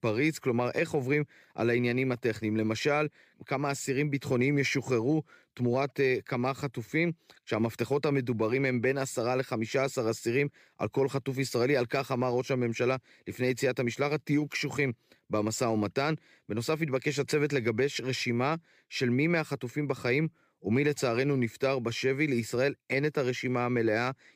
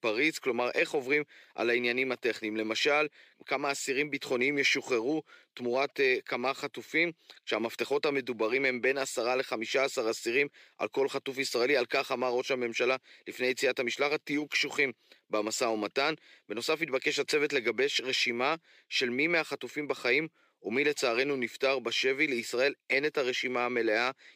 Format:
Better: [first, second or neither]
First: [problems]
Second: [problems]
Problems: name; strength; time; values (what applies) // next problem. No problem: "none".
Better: first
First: none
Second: thin; somewhat; fading below 400 Hz